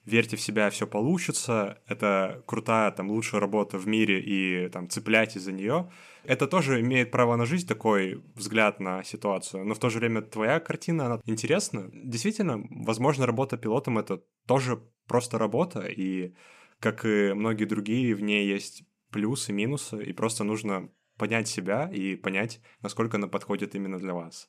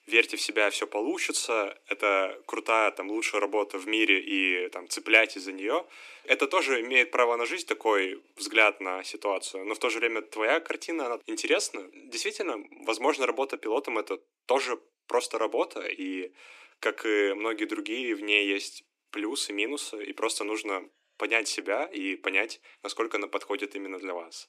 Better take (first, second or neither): first